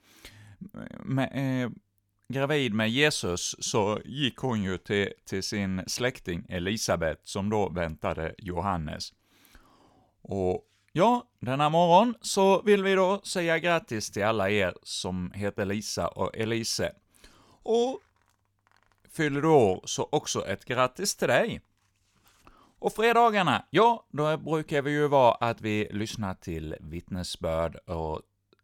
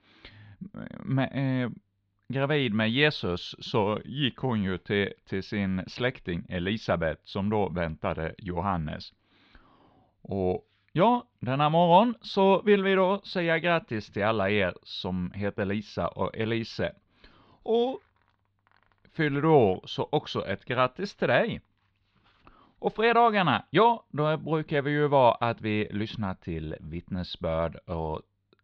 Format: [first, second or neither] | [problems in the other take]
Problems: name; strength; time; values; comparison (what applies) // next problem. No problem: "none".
first | muffled; slightly; fading above 4 kHz